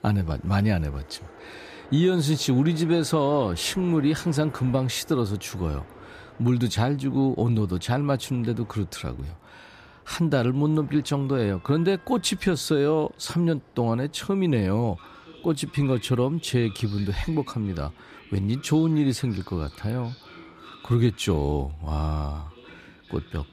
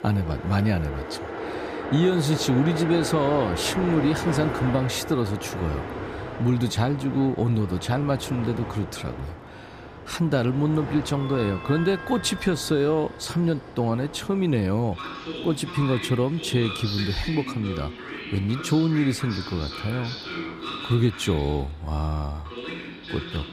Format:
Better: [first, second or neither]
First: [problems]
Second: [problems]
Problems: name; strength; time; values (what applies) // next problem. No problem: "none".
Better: first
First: train or aircraft noise; faint; throughout; 20 dB below the speech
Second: train or aircraft noise; loud; throughout; 9 dB below the speech